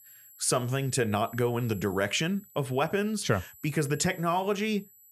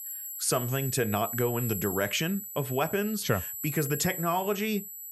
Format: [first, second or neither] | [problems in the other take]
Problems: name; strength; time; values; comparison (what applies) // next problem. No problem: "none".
first | high-pitched whine; loud; throughout; 12 kHz, 6 dB below the speech; faint in the first